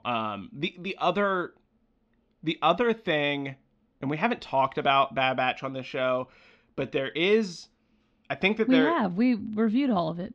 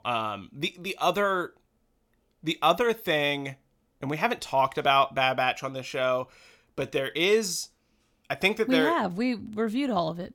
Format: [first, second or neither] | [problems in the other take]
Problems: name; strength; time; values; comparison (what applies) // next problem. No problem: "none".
second | muffled; slightly; fading above 4 kHz